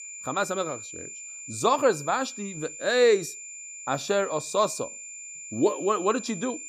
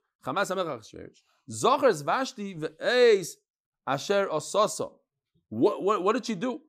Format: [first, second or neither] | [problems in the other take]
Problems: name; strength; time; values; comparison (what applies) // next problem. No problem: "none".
second | high-pitched whine; noticeable; throughout; 7 kHz, 10 dB below the speech